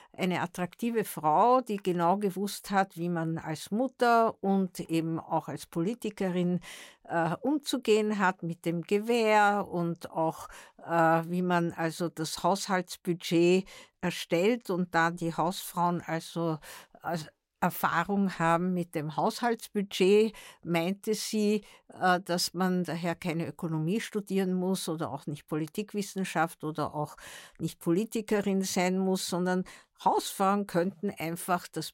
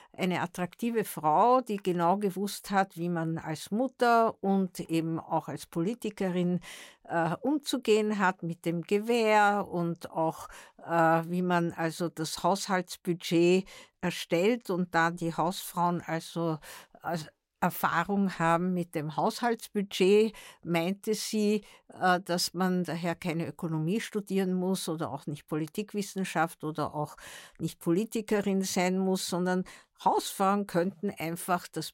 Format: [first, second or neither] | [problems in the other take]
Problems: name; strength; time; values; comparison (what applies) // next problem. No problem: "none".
neither | none